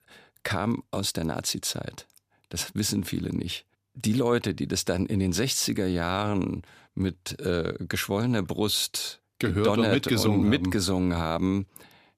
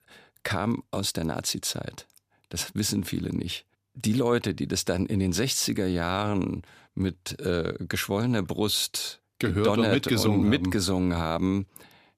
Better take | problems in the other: neither | none

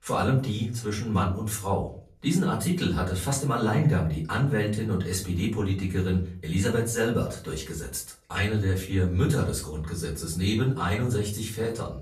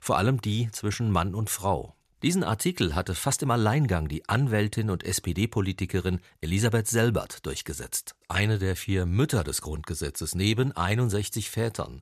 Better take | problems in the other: second | room echo; slight; dies away in 0.4 s // off-mic speech; far

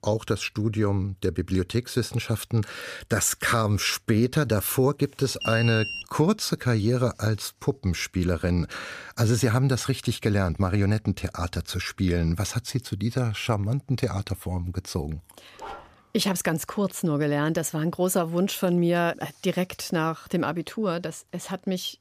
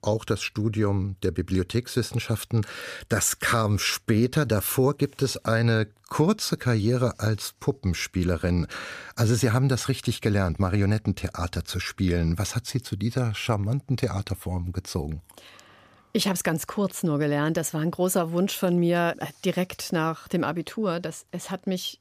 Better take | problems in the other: second | alarm; noticeable; at 5.5 s; peak 3 dB below the speech // dog barking; faint; at 16 s; peak 15 dB below the speech

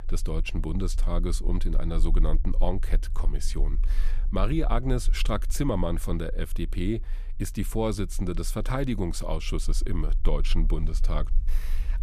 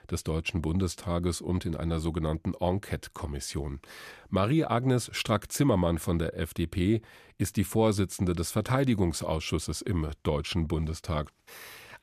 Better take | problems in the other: second | low rumble; faint; throughout; 25 dB below the speech

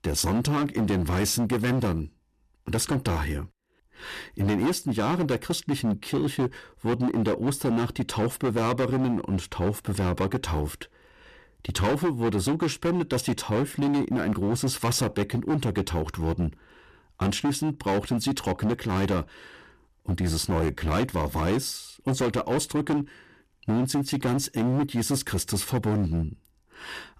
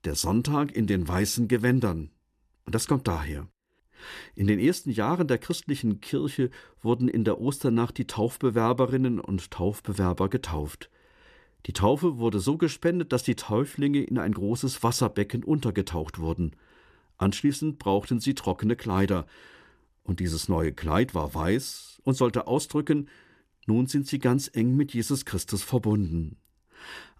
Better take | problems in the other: second | distortion; heavy; 16% of the sound clipped

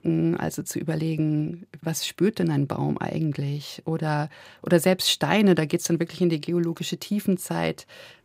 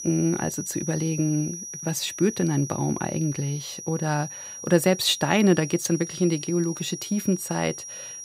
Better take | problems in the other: first | high-pitched whine; loud; throughout; 6 kHz, 10 dB below the speech

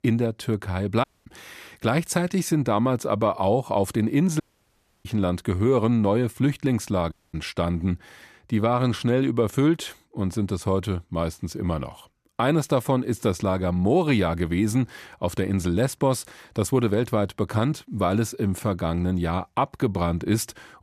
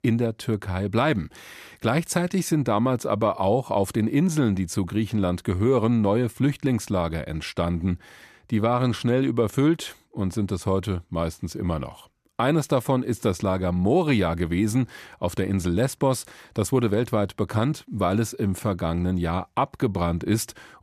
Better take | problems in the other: second | audio cutting out; at 1 s, at 4.5 s for 0.5 s and at 7 s

